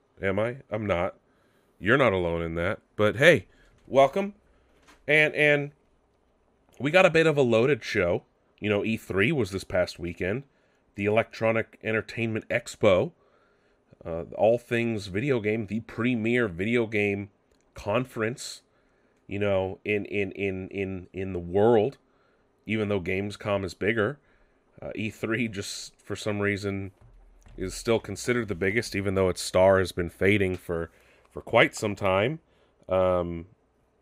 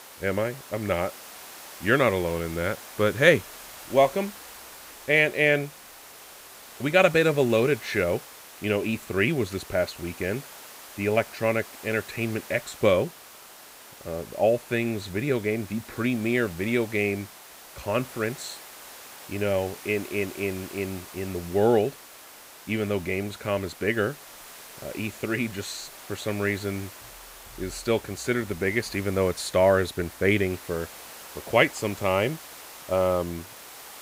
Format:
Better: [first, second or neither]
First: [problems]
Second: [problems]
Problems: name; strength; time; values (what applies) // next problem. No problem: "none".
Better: first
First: none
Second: hiss; noticeable; throughout; 15 dB below the speech